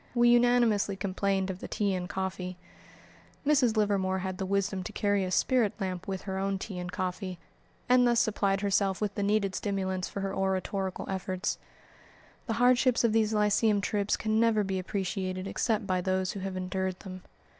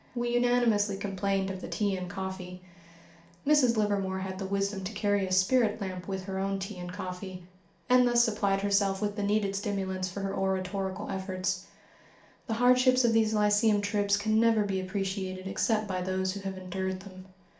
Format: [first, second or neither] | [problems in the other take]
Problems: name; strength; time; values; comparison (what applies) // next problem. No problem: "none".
first | room echo; dies away in 0.4 s